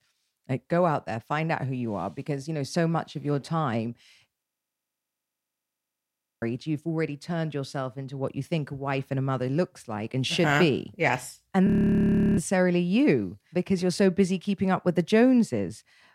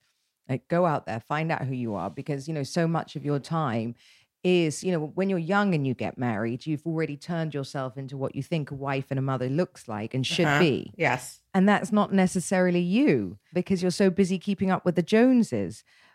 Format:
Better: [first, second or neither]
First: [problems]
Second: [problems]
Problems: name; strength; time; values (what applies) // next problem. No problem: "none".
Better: second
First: audio freezing; at 4.5 s for 2 s and at 12 s for 0.5 s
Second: none